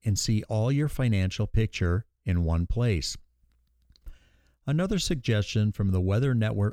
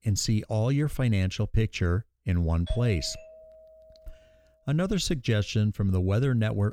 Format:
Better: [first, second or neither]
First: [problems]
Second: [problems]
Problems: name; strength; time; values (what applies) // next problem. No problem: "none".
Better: first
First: none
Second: doorbell; faint; from 2.5 to 4 s; peak 15 dB below the speech